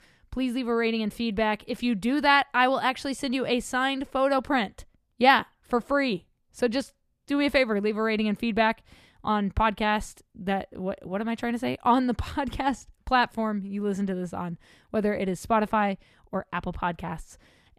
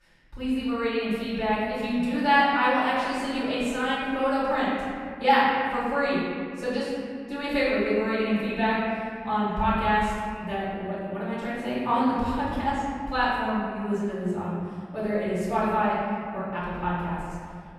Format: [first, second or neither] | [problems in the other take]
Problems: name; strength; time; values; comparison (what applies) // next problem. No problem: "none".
first | off-mic speech; far // room echo; strong; dies away in 2 s